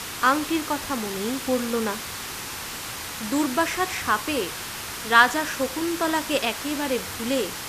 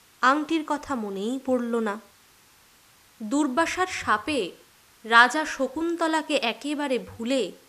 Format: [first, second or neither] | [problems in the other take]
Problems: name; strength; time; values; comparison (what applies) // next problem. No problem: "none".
second | hiss; loud; throughout; 7 dB below the speech; faint in the second